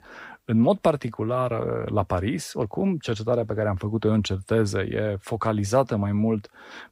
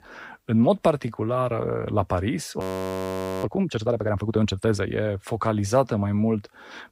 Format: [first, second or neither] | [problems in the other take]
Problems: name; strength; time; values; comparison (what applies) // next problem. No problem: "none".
first | audio freezing; at 2.5 s for 1 s